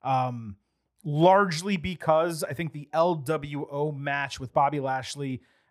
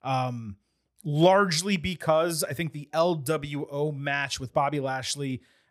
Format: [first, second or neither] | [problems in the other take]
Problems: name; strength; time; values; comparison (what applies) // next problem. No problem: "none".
second | muffled; slightly; fading above 3 kHz